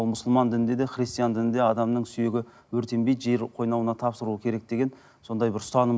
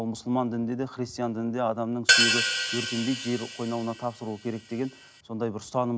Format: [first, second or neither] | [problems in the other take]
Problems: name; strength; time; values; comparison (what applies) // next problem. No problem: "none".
first | background sound (Hi-hat); 2 dB above the speech